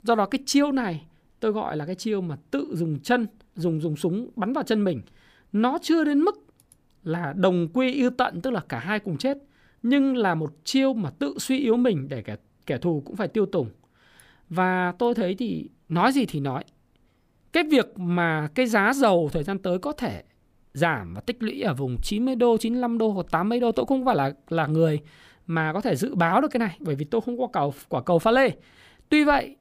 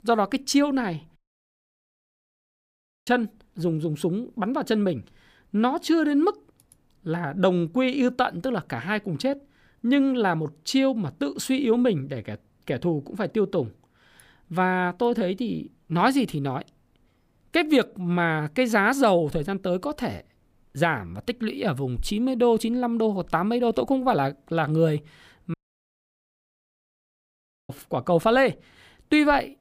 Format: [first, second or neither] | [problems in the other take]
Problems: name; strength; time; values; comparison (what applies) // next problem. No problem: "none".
first | audio cutting out; at 1 s for 2 s and at 26 s for 2 s